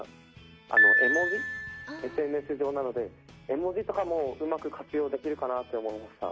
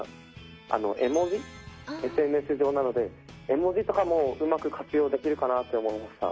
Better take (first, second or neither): second